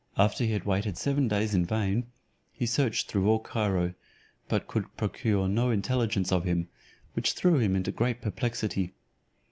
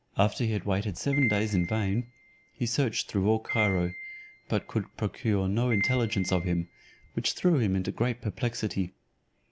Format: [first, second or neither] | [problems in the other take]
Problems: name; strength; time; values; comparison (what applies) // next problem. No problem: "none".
first | background sound (Piano); 10 dB below the speech